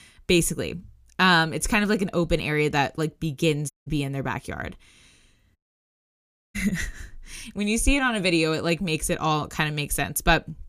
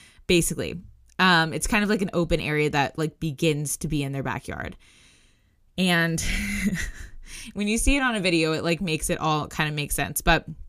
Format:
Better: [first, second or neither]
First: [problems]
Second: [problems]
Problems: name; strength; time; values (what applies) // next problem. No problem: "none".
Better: second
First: audio cutting out; at 3.5 s and at 5.5 s for 1 s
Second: none